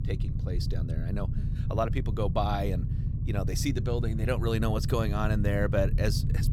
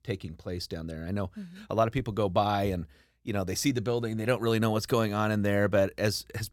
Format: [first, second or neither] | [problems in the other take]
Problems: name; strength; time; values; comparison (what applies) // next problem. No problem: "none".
second | low rumble; noticeable; throughout; 10 dB below the speech